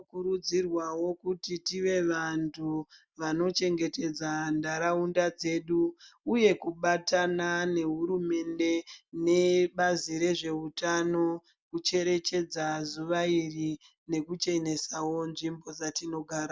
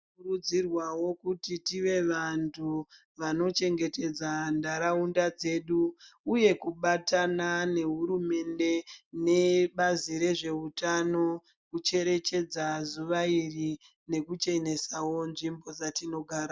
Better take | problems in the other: first | noise reduction (neural mask model DeepFilterNet 3)

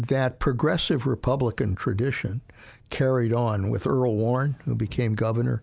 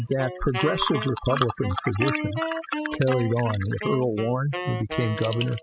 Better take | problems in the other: first | noise reduction (classical method spectral subtraction)

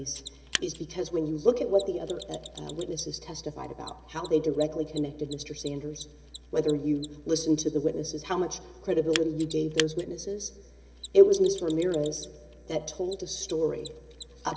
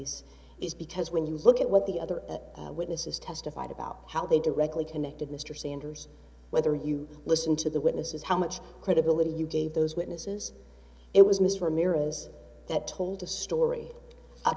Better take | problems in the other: second | background sound (Mechanisms); 15 dB below the speech // room echo; dies away in 1.3 s

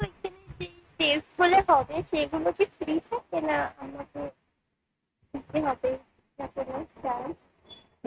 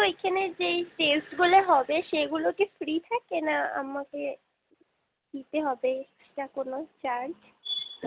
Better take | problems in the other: second | noise reduction (neural mask model RNNoise)

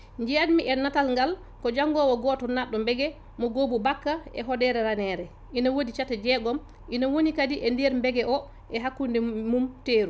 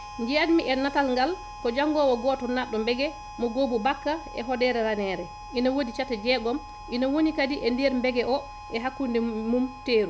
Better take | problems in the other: first | background sound (Harmonica); 15 dB below the speech

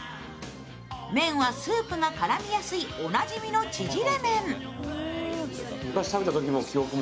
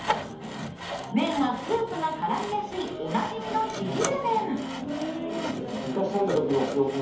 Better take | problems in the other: first | background sound (Sawing); 9 dB below the speech // room echo; dies away in 0.6 s

